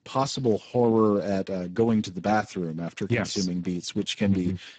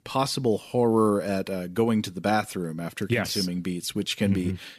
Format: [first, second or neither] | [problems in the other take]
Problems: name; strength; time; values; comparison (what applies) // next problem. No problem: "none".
second | garbled, watery; badly; nothing above 7.5 kHz